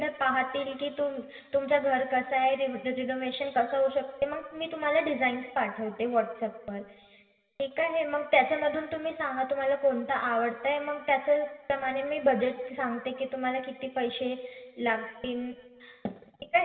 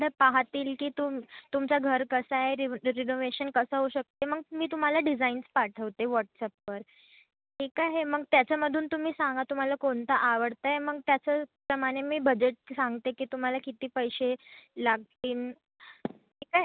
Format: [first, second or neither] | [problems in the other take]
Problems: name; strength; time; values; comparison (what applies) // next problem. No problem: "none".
second | room echo; dies away in 1.4 s